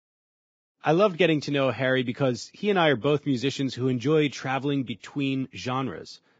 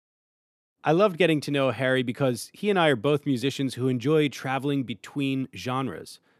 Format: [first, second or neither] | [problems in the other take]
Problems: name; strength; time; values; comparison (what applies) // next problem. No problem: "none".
second | garbled, watery; badly; nothing above 7.5 kHz